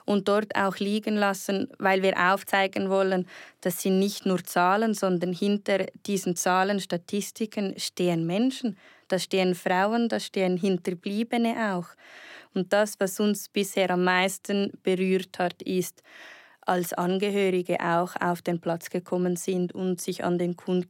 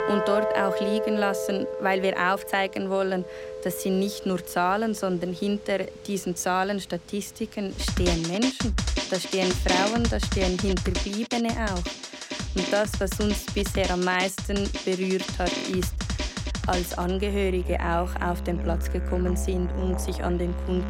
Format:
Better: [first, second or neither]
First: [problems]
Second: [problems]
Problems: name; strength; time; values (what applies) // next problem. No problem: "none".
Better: first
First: none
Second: background music; loud; throughout; 2 dB below the speech